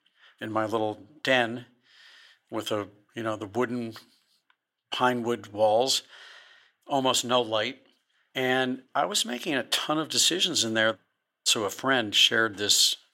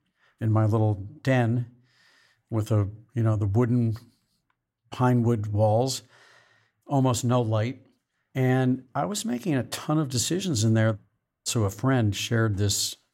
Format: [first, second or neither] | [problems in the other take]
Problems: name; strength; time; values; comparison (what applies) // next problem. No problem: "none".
second | thin; somewhat; fading below 400 Hz